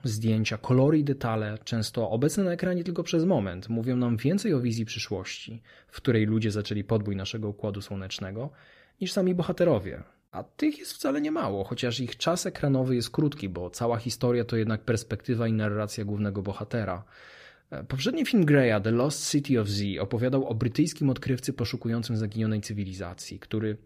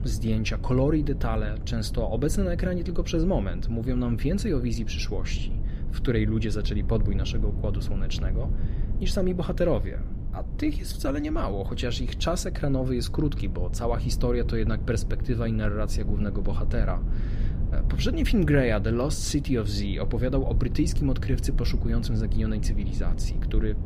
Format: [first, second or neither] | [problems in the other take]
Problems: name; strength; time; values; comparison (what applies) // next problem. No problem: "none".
first | low rumble; noticeable; throughout; 15 dB below the speech